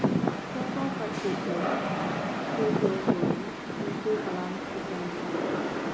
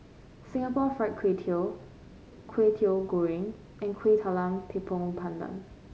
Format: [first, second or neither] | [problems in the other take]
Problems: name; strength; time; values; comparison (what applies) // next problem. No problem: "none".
second | background sound (Rain); 5 dB above the speech